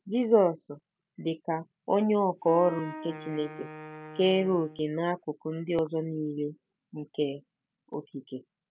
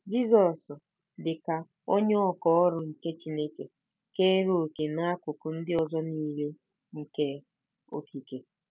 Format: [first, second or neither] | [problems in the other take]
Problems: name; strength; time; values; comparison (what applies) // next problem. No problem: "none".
second | background sound (Wind instrument, woodwind instrument); 13 dB below the speech